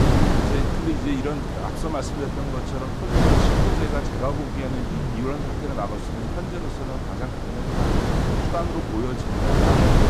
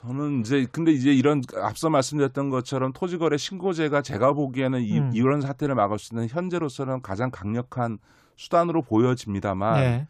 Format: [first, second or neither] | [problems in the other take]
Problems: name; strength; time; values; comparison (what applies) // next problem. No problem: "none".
second | wind noise on the microphone; heavy; 4 dB above the speech